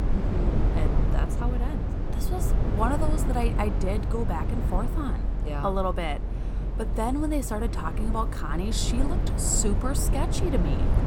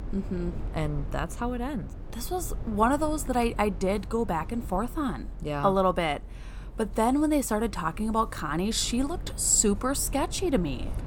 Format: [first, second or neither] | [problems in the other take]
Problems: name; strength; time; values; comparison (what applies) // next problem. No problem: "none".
second | low rumble; loud; throughout; 6 dB below the speech; faint in the second